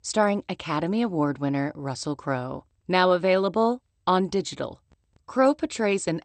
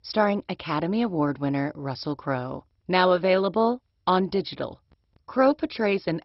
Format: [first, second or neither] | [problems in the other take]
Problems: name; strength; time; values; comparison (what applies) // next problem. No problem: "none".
first | garbled, watery; badly; nothing above 5.5 kHz; slightly in the first